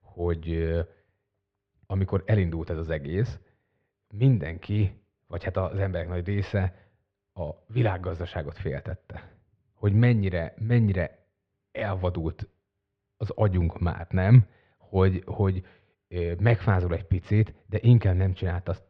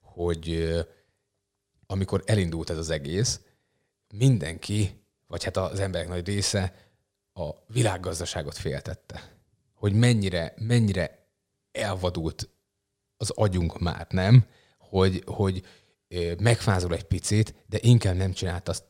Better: second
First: muffled; very; fading above 2.5 kHz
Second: none

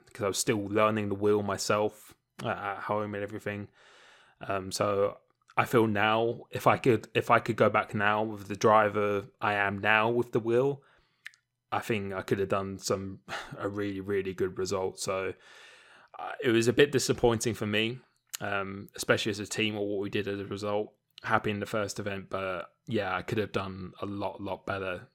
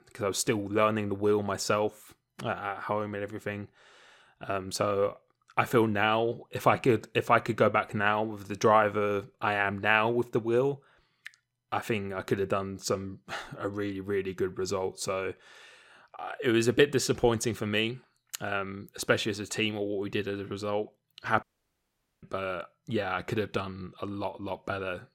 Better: first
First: none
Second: audio cutting out; at 21 s for 1 s

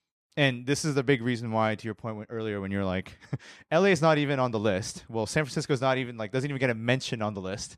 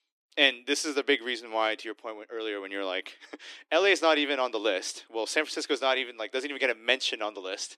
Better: first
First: none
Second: thin; somewhat; fading below 300 Hz

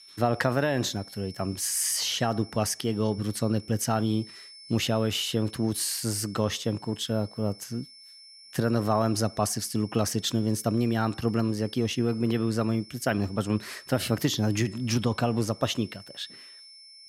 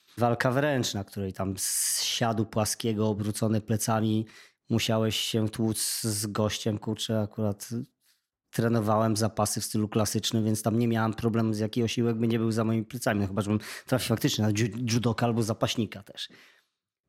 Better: second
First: high-pitched whine; noticeable; throughout; 5.5 kHz, 20 dB below the speech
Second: none

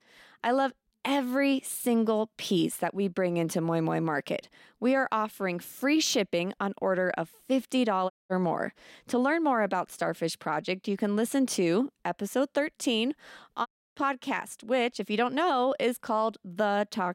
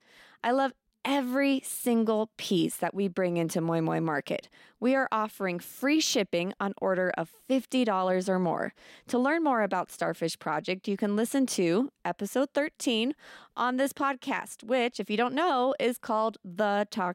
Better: second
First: audio cutting out; at 8 s and at 14 s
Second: none

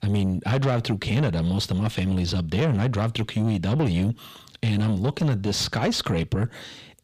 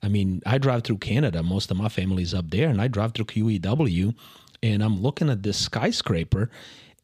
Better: second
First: distortion; slight; 10 dB below the speech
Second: none

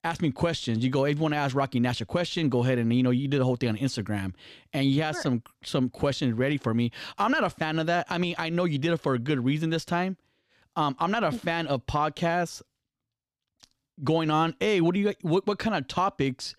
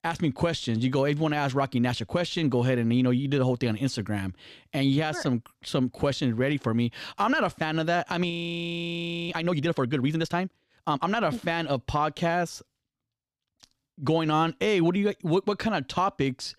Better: first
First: none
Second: audio freezing; at 8.5 s for 1 s

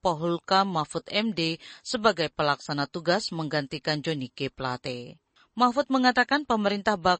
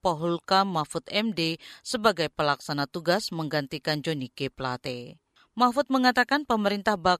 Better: second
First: garbled, watery; slightly; nothing above 8 kHz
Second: none

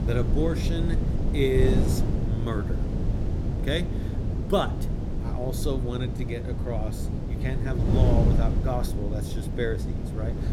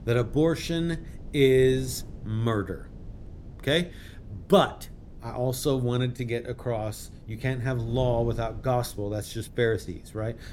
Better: second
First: wind noise on the microphone; heavy; 5 dB below the speech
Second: wind noise on the microphone; occasional gusts; 25 dB below the speech

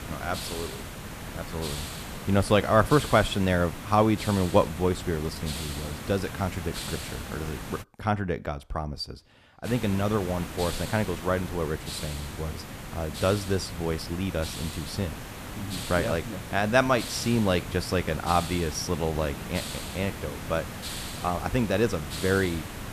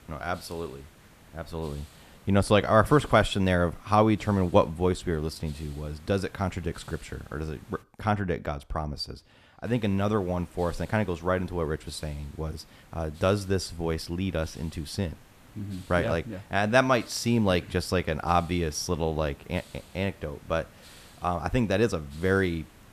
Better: second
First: hiss; loud; until 8 s and from 9.5 s on; 9 dB below the speech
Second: hiss; faint; until 8 s and from 9.5 s on; 25 dB below the speech

